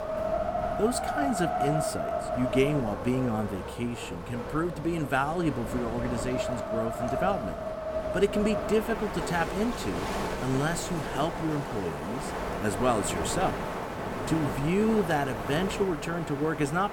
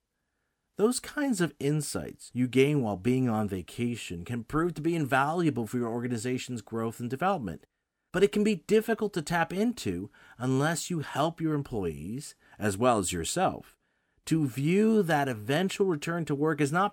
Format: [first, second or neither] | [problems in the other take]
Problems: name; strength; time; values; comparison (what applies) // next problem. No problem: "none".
second | wind in the background; loud; throughout; 3 dB below the speech